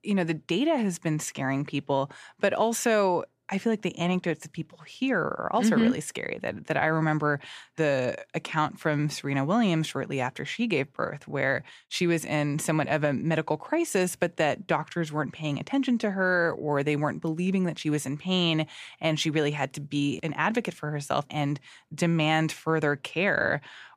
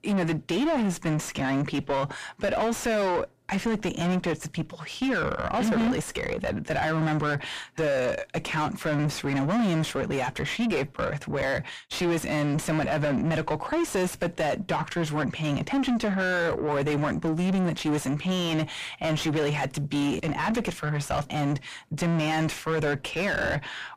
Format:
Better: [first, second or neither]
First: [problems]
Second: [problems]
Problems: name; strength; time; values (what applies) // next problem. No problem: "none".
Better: first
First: none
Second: distortion; heavy; 4 dB below the speech